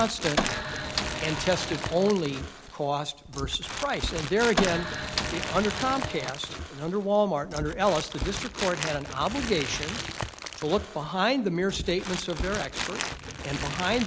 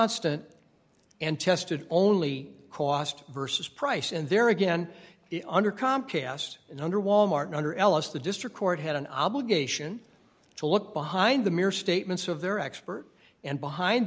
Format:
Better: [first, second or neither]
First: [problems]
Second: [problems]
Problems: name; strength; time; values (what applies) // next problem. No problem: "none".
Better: second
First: background sound (Printer + Crumpling, crinkling); 5 dB below the speech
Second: none